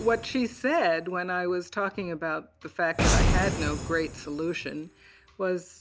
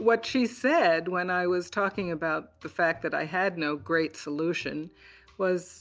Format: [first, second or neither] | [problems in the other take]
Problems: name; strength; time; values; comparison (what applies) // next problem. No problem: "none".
second | background sound (Boom); 2 dB below the speech